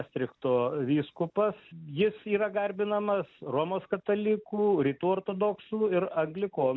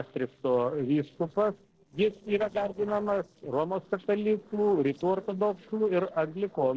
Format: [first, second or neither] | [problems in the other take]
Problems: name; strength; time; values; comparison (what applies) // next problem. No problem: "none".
first | noise reduction (neural separator model SepFormer DNS4)